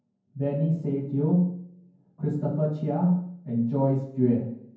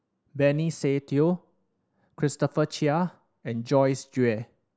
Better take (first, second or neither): second